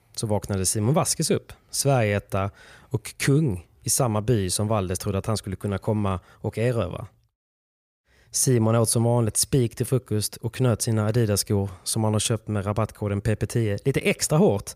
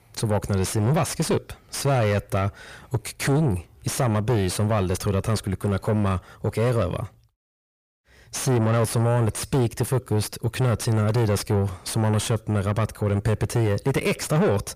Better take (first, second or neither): first